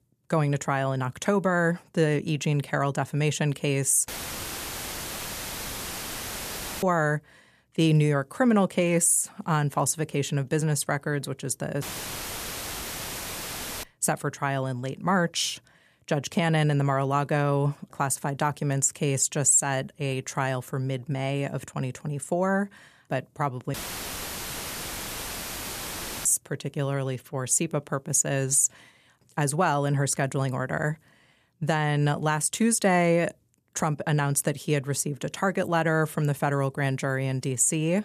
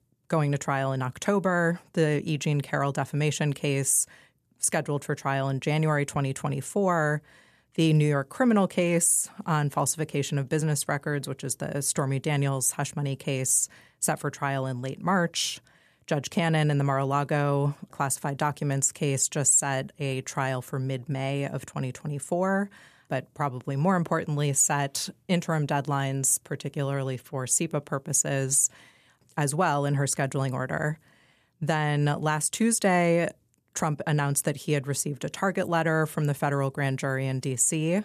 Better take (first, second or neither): second